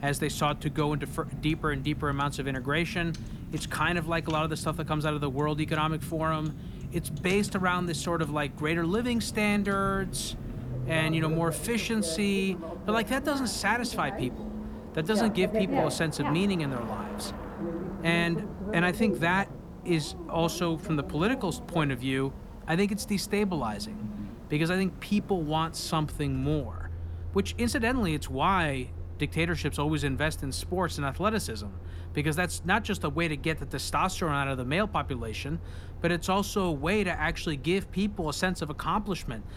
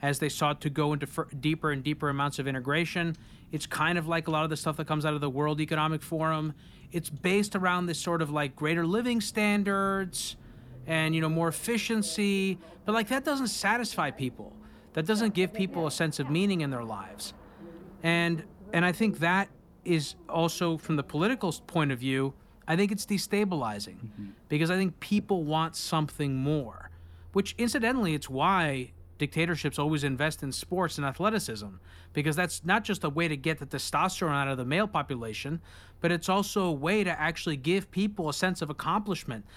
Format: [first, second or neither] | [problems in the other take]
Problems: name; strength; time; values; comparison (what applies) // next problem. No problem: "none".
second | traffic noise; loud; throughout; 9 dB below the speech; faint in the second